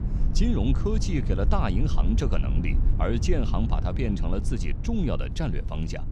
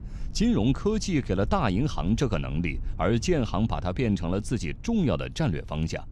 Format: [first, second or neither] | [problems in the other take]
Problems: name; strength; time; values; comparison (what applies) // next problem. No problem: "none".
second | low rumble; loud; throughout; 10 dB below the speech; faint in the second